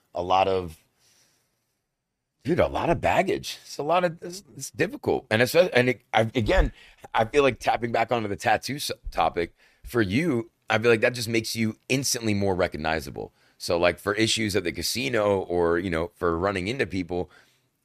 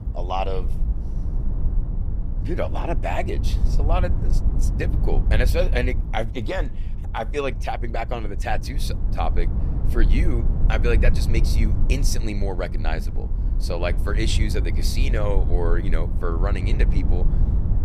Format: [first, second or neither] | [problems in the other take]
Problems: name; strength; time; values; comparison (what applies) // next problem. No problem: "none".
first | low rumble; noticeable; throughout; 10 dB below the speech